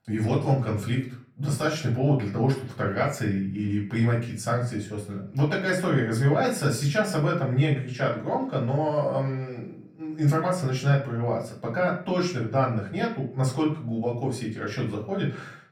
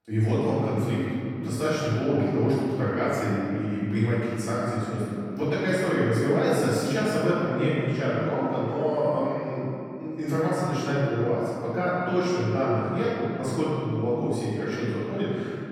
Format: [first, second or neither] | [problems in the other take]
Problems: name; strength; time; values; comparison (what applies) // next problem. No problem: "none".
first | room echo; strong; dies away in 2.7 s; slight in the first // off-mic speech; far; far in the first